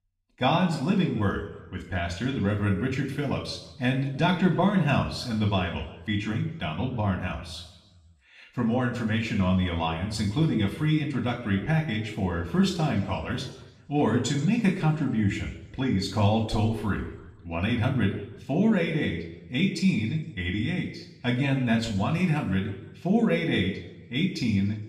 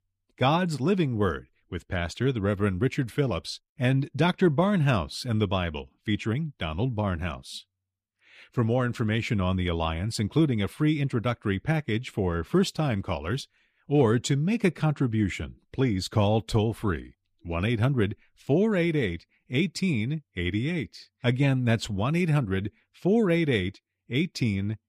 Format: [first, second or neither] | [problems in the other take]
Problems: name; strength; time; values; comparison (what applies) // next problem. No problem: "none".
second | room echo; slight; dies away in 0.9 s // off-mic speech; somewhat distant